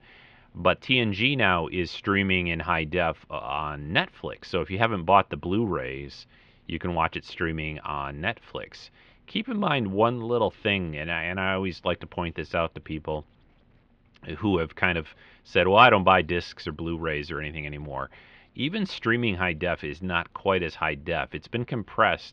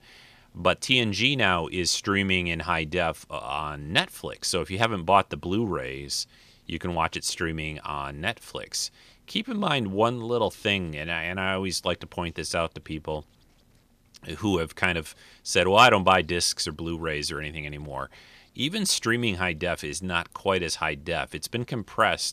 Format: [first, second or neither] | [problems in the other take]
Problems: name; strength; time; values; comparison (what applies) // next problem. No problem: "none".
second | muffled; very; fading above 3 kHz